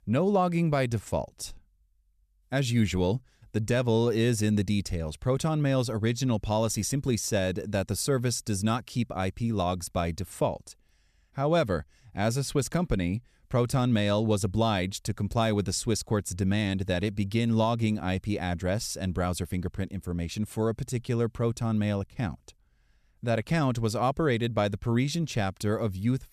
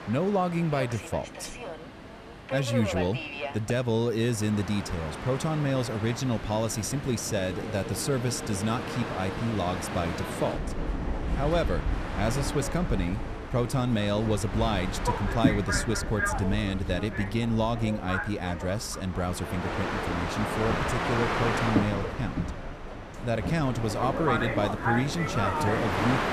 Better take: first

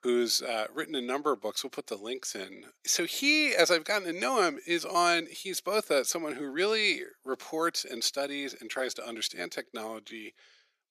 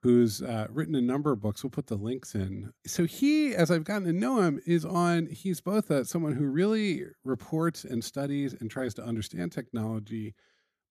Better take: second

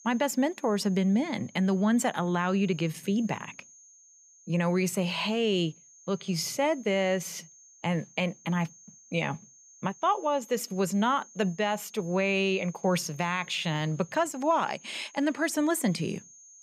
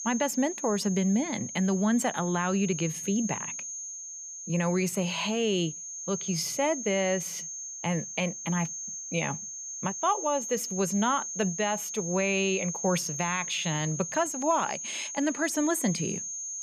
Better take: first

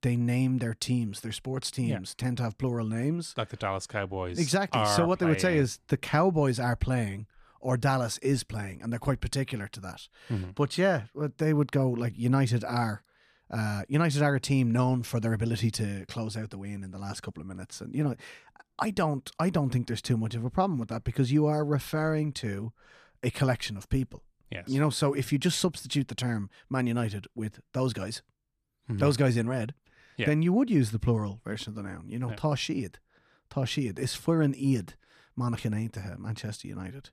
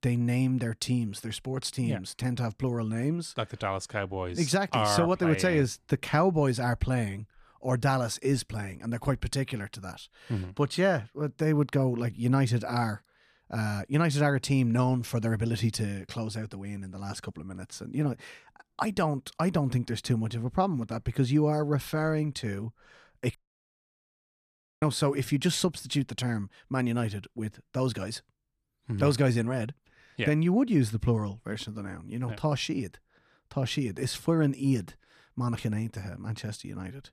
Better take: first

